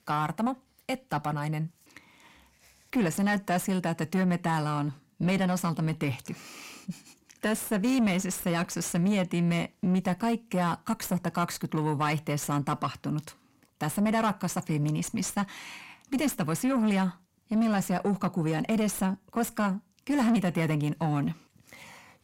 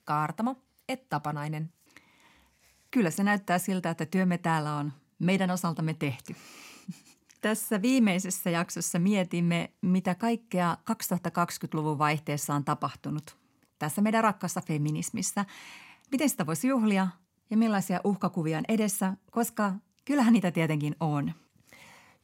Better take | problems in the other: second | distortion; slight; 10 dB below the speech

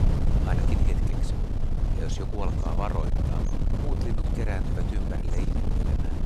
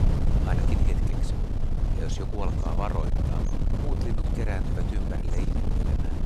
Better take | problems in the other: neither | wind noise on the microphone; heavy; 1 dB above the speech; the same in both

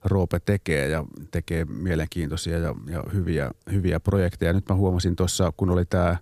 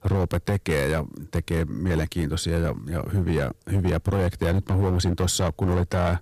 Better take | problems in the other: first | distortion; slight; 9% of the sound clipped

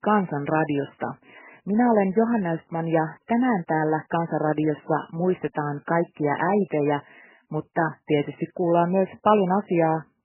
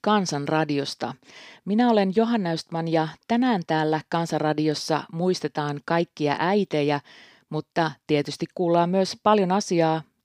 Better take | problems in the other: second | garbled, watery; badly; nothing above 3 kHz

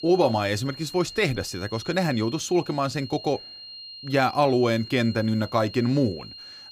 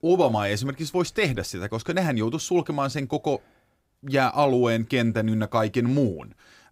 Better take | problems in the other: second | high-pitched whine; noticeable; throughout; 4 kHz, 15 dB below the speech

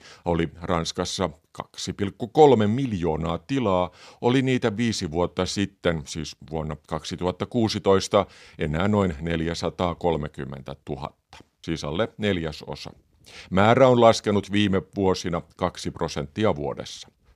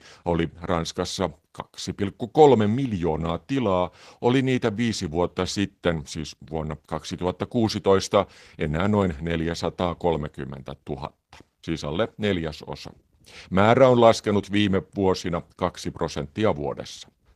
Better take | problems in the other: first | garbled, watery; slightly; nothing above 14.5 kHz

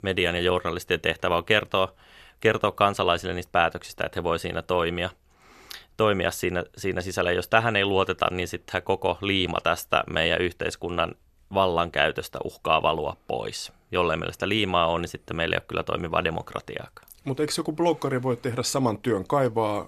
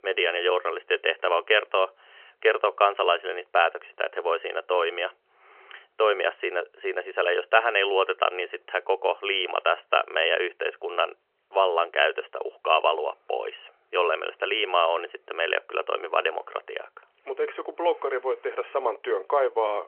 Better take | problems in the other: first | phone-call audio; nothing above 3 kHz

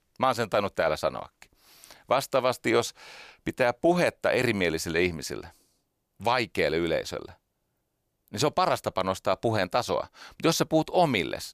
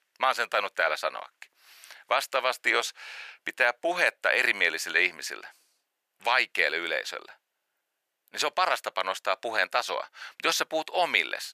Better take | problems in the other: first | thin; very; fading below 650 Hz

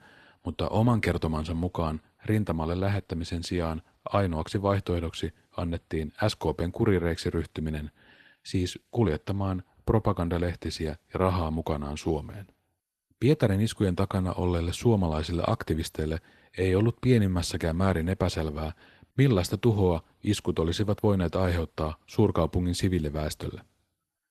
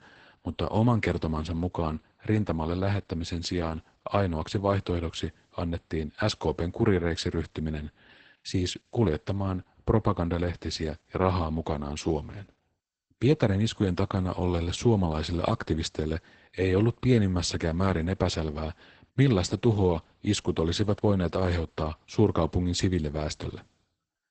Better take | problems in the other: first | garbled, watery; badly; nothing above 8 kHz; slightly in the first

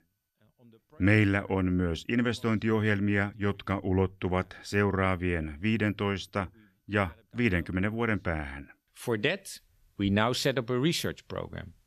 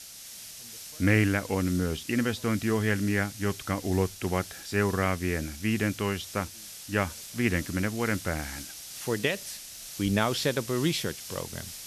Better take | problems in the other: first | hiss; noticeable; throughout; 10 dB below the speech

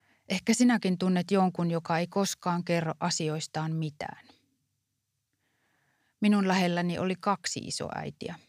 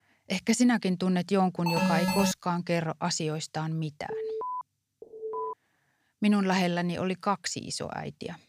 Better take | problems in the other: first | alarm; loud; at 1.5 s; peak 2 dB above the speech // alarm; noticeable; at 4 s and at 5 s; peak 5 dB below the speech

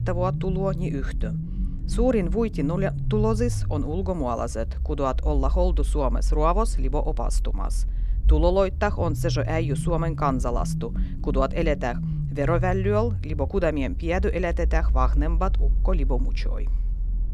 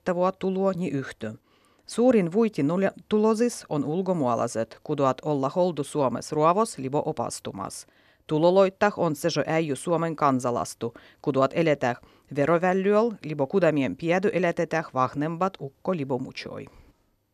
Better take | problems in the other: second | low rumble; noticeable; throughout; 15 dB below the speech

